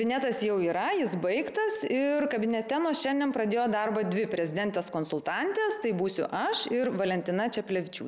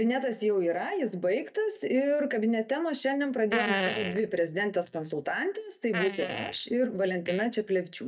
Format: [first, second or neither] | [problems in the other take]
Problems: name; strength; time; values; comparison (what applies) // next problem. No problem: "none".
first | noise reduction (neural mask model DeepFilterNet 3)